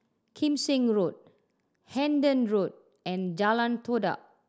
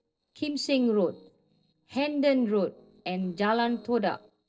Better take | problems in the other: first | noise reduction (neural separator model SepFormer DNS4)

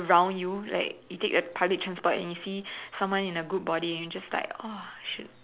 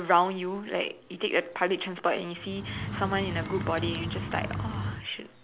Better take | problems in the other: first | background sound (Bird); 4 dB below the speech

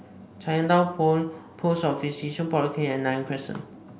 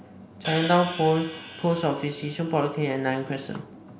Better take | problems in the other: first | background sound (Hi-hat); 13 dB below the speech

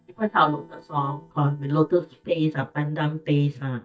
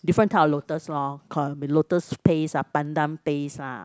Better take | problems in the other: second | noise reduction (neural mask model DeepFilterNet 3)

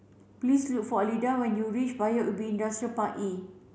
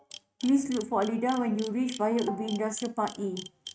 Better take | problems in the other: first | noise reduction (neural mask model RNNoise)

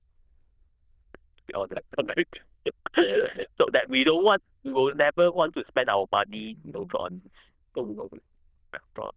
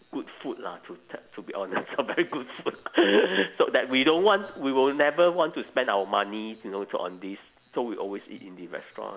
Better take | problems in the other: second | noise reduction (neural diffusion model UNIVERSE++)

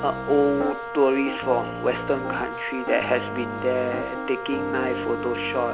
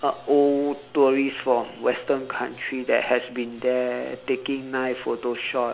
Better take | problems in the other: second | background sound (Wind instrument, woodwind instrument + Piano); 6 dB below the speech

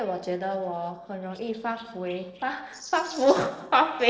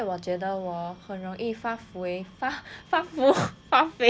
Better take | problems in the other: second | noise reduction (neural separator model SepFormer DNS4)

